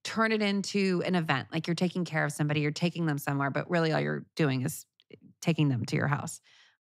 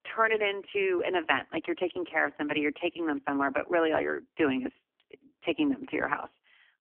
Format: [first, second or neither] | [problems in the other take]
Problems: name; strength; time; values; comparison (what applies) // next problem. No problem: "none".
first | phone-call audio; poor line; nothing above 3 kHz